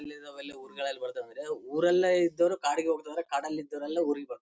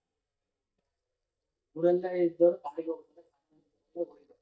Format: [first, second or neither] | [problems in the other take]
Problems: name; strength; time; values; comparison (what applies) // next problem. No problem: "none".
first | noise reduction (neural mask model DeepFilterNet 3)